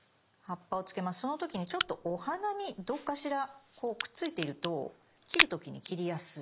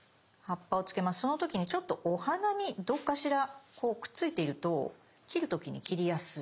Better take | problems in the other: second | background sound (Crack); as loud as the speech

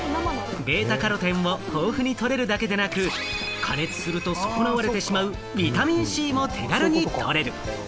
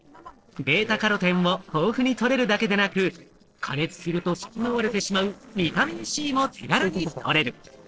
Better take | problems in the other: first | noise reduction (neural separator model SepFormer DNS4)

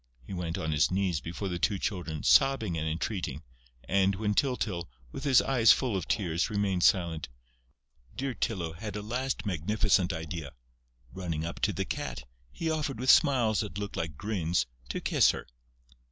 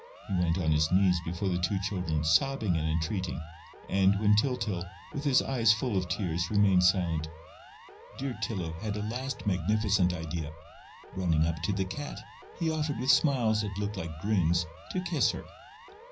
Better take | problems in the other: first | background sound (Siren); 20 dB below the speech // room echo; dies away in 0.4 s

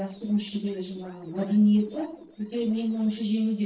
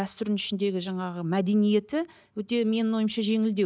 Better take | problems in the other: second | noise reduction (neural separator model SepFormer DNS4)

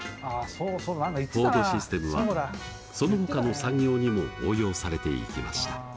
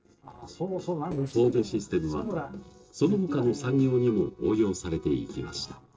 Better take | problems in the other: first | noise reduction (neural separator model SepFormer DNS4)

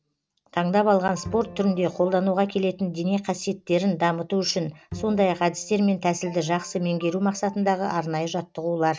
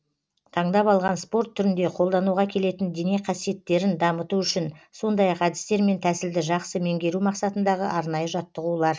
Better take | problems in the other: second | background sound (Bowed string instrument + Ringtone); 19 dB below the speech

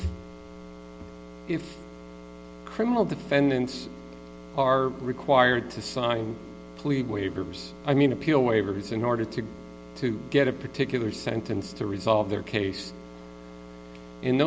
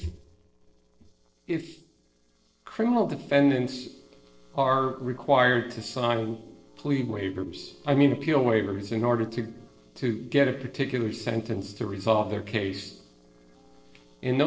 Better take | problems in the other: first | noise reduction (neural separator model SepFormer DNS4)

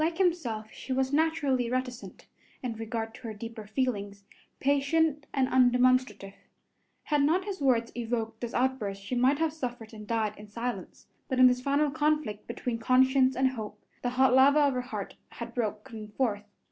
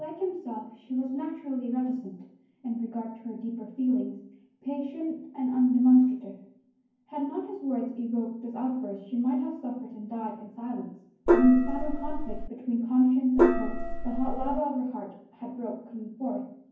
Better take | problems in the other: first | background sound (Gong); 3 dB above the speech // room echo; dies away in 0.9 s

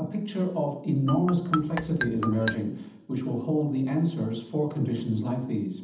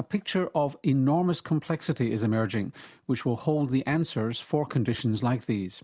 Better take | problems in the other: second | background sound (Marimba, xylophone); 6 dB below the speech // room echo; dies away in 0.8 s

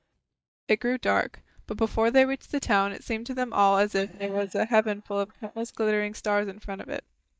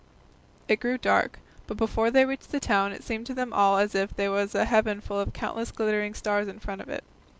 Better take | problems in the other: second | noise reduction (neural mask model DeepFilterNet 3)

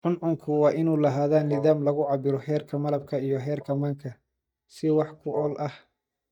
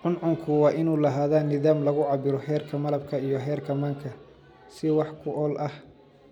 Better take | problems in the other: second | noise reduction (neural mask model DeepFilterNet 3)

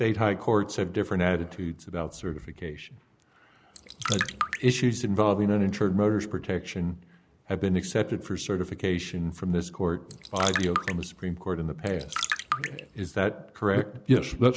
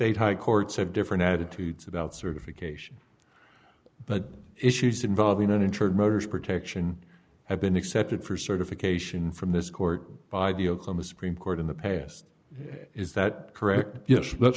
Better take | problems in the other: second | background sound (Trickle, dribble); 6 dB below the speech

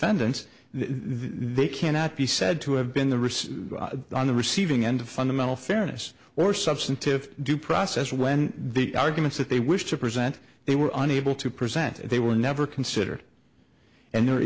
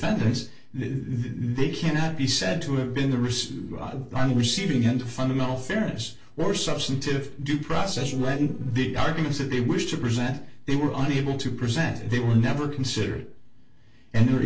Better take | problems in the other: first | noise reduction (neural separator model SepFormer DNS4)

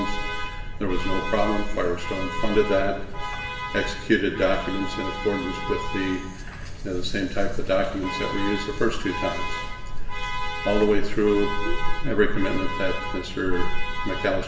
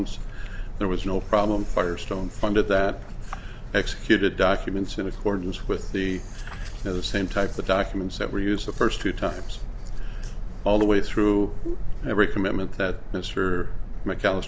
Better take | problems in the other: second | background sound (Alarm); 11 dB below the speech // room echo; dies away in 1.3 s

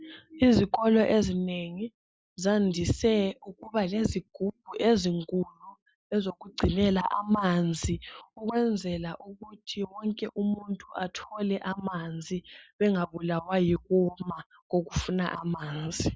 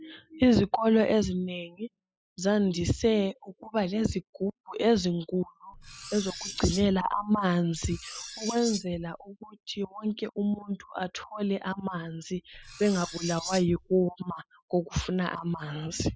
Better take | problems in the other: first | noise reduction (classical method spectral subtraction)

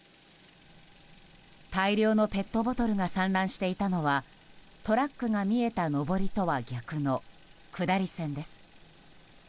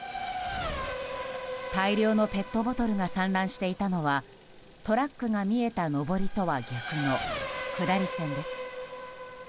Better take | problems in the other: first | background sound (Race car, auto racing / Accelerating, revving, vroom); 8 dB below the speech

